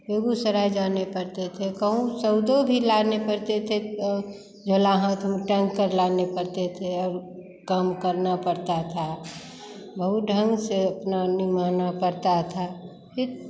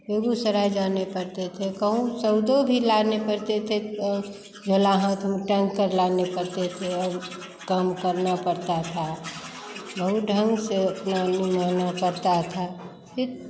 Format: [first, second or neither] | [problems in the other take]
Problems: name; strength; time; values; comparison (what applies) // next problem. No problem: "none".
first | background sound (Tools); 19 dB below the speech